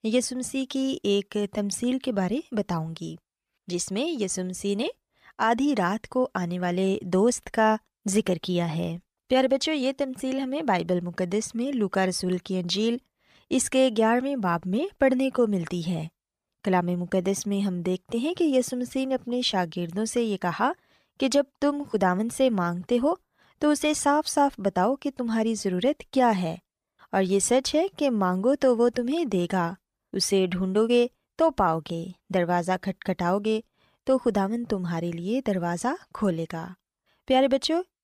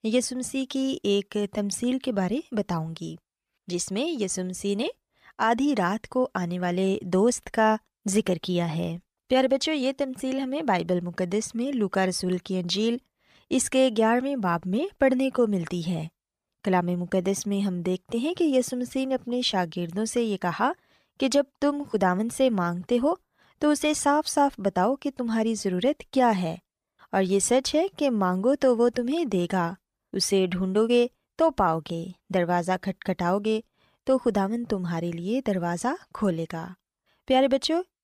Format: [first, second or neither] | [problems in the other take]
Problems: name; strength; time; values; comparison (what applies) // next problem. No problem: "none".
neither | none